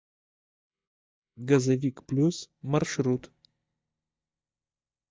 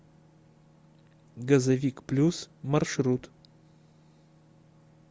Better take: second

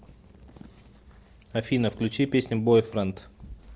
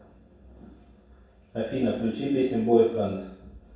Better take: first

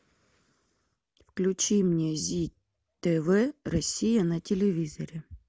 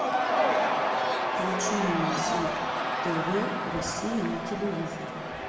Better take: first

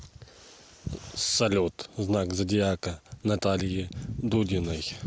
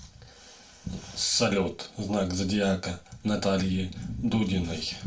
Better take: first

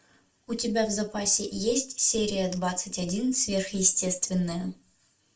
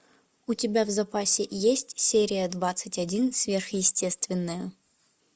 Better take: second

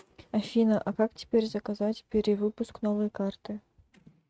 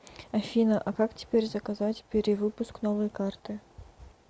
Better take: second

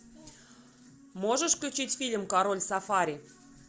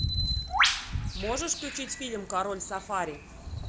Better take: first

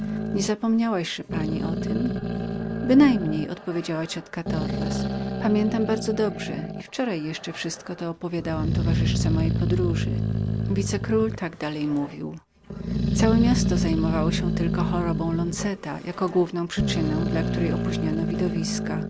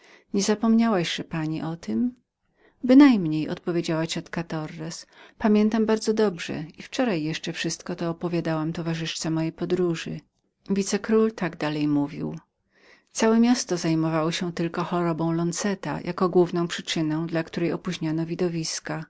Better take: second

